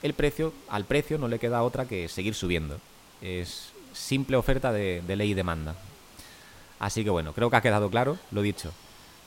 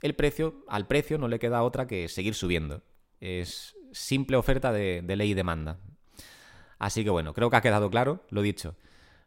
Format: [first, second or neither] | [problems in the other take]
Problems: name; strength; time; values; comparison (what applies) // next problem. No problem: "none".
second | hiss; faint; throughout; 25 dB below the speech